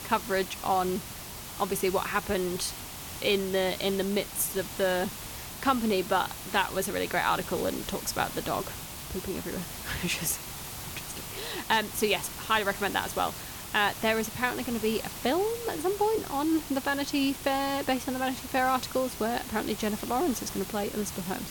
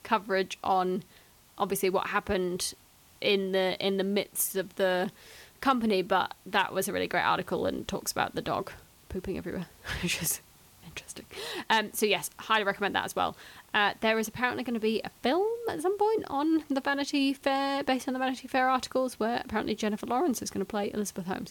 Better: second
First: hiss; loud; throughout; 9 dB below the speech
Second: hiss; faint; throughout; 25 dB below the speech

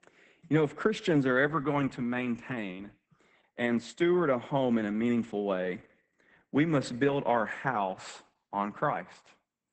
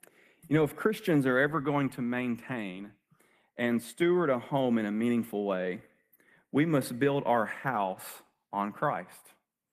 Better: second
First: garbled, watery; badly; nothing above 8 kHz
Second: garbled, watery; slightly; nothing above 14.5 kHz

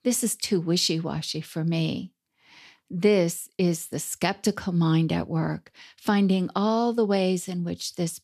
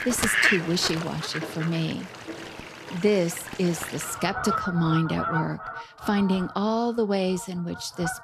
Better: first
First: none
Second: animal sounds; loud; throughout; 3 dB below the speech

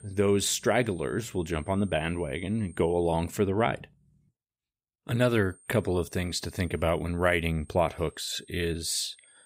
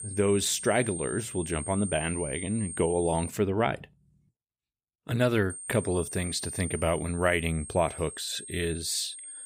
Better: first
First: high-pitched whine; faint; until 3.5 s and from 5.5 s on; 8.5 kHz, 25 dB below the speech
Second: high-pitched whine; loud; until 3.5 s and from 5.5 s on; 8.5 kHz, 9 dB below the speech

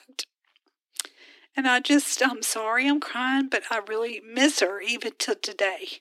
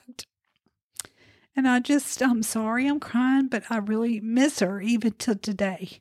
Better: second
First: thin; somewhat; fading below 300 Hz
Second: none

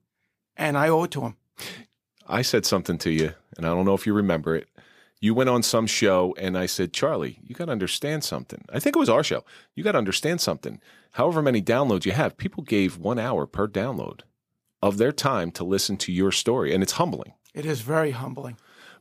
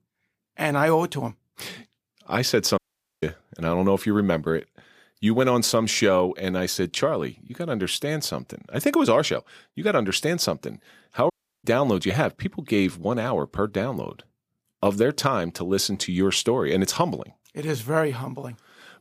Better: first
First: none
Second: audio cutting out; at 3 s and at 11 s

